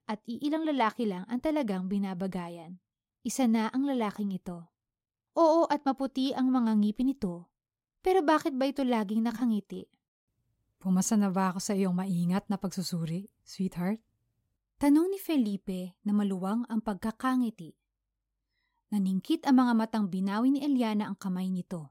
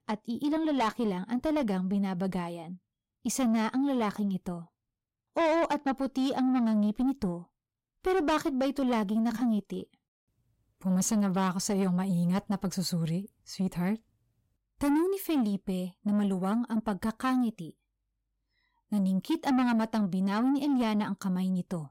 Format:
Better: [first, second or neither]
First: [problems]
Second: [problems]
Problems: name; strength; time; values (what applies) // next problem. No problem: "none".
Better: first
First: none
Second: distortion; slight; 10 dB below the speech